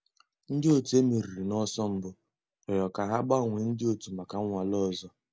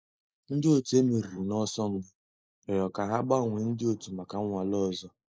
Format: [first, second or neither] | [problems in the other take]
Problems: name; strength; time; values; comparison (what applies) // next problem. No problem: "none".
first | noise reduction (neural mask model Resemble Enhance denoiser)